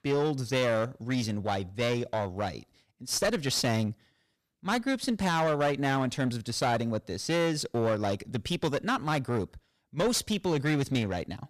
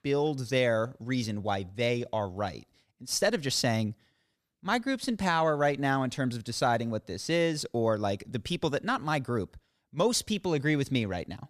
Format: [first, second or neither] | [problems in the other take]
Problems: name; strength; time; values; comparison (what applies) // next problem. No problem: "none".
second | distortion; slight; 10% of the sound clipped